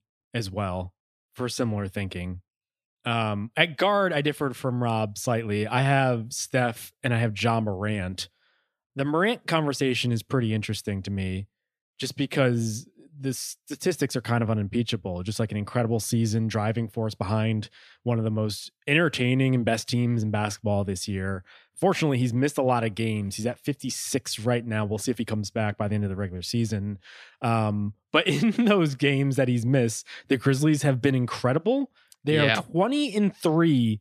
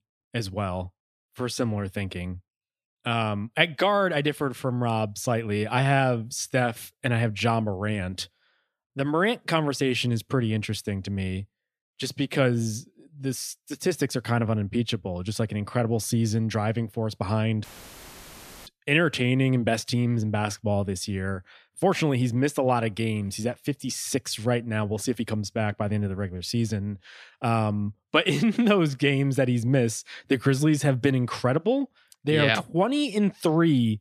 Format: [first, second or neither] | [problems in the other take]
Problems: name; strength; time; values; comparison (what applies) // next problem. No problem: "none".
first | audio cutting out; filled with static; at 18 s for 1 s